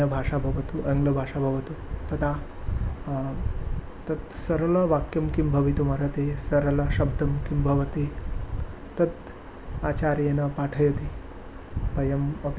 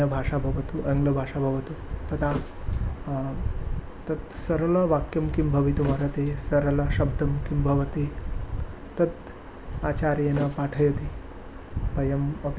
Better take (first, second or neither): first